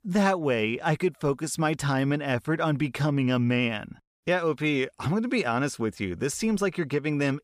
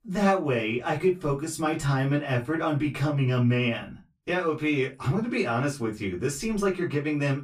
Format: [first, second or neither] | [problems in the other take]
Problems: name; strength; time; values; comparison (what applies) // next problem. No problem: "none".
first | off-mic speech; far // room echo; very slight; dies away in 0.2 s